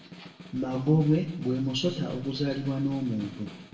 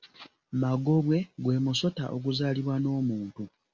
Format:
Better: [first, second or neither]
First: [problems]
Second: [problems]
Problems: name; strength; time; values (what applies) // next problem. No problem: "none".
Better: second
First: background sound (Snare drum); 17 dB below the speech // room echo; dies away in 0.8 s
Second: none